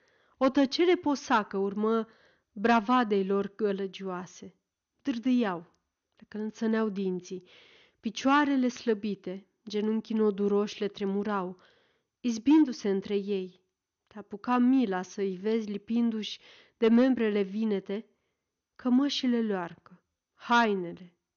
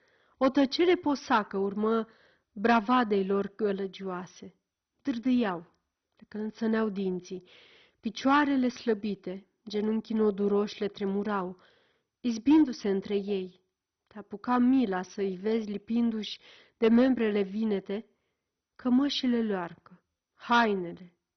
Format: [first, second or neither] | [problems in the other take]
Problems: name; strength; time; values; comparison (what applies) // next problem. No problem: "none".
first | garbled, watery; badly; nothing above 6 kHz; slightly in the first